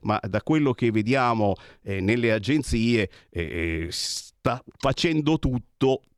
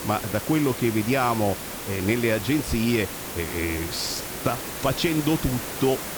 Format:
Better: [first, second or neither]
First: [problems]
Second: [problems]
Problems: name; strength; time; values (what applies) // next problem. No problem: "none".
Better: first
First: none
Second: hiss; loud; throughout; 6 dB below the speech